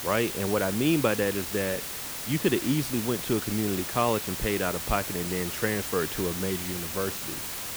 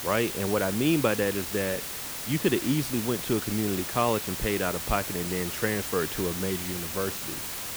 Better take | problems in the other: neither | hiss; loud; throughout; 4 dB below the speech; the same in both

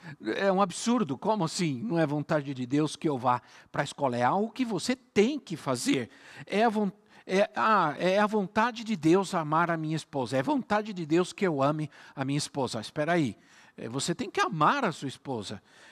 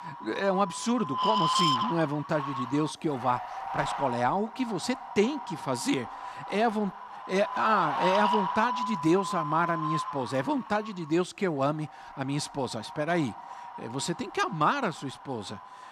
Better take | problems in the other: first | wind noise on the microphone; heavy; 2 dB below the speech

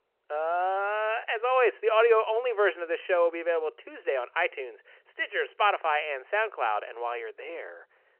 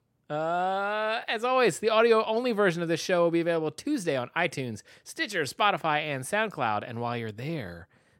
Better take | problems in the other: second | phone-call audio

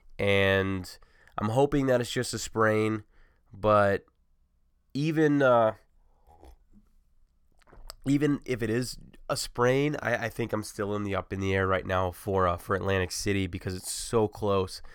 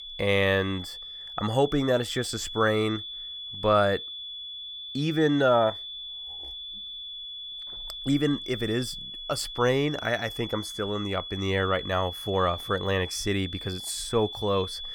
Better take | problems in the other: first | high-pitched whine; loud; throughout; 3.5 kHz, 9 dB below the speech

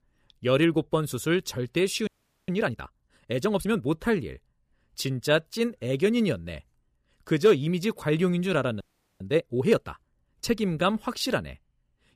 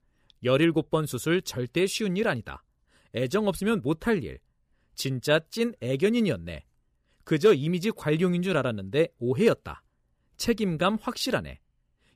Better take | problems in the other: second | audio freezing; at 2 s and at 9 s

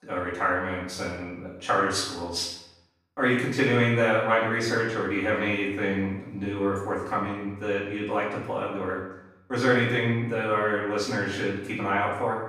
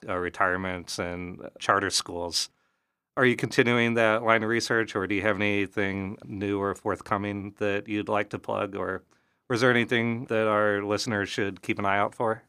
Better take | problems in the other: second | off-mic speech; far // room echo; noticeable; dies away in 0.7 s

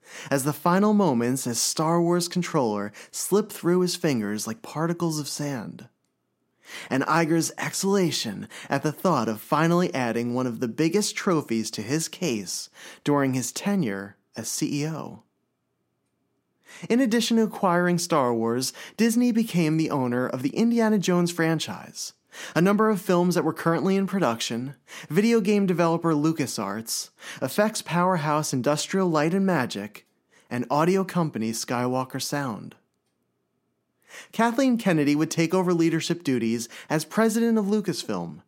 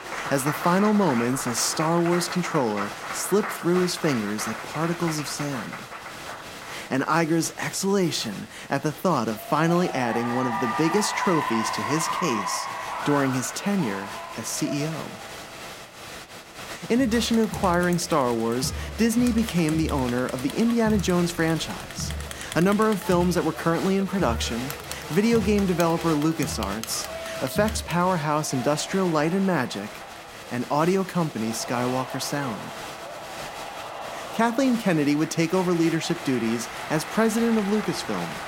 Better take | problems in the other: first | crowd noise; loud; throughout; 9 dB below the speech

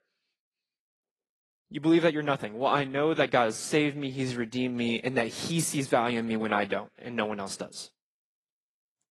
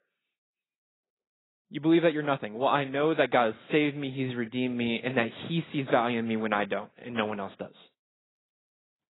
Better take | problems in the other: first | garbled, watery; badly; nothing above 4 kHz; slightly in the first

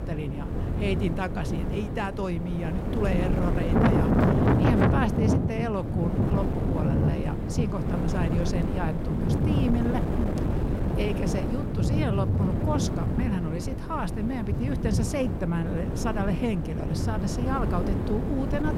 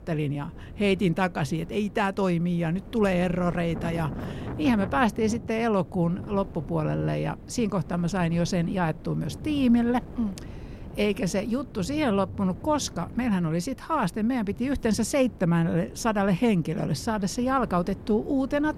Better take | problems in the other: second | wind noise on the microphone; heavy; as loud as the speech; occasional gusts in the second

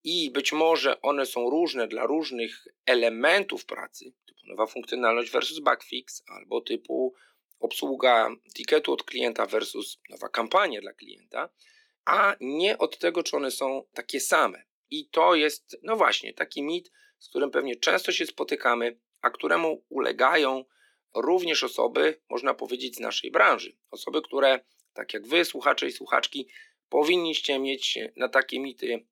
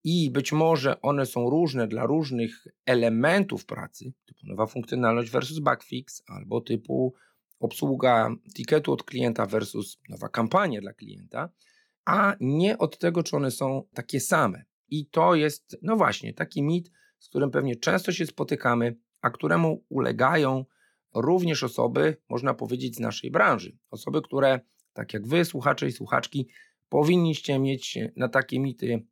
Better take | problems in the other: second | thin; somewhat; fading below 300 Hz

